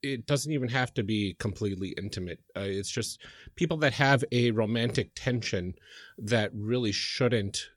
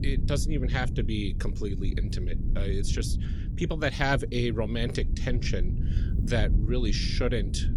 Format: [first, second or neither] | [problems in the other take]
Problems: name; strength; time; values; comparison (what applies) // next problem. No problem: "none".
first | low rumble; noticeable; throughout; 10 dB below the speech